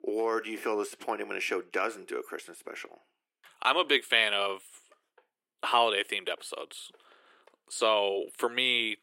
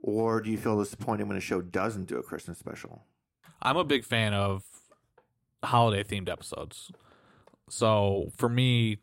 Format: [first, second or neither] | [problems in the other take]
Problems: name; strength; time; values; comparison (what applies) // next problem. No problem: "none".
second | thin; very; fading below 350 Hz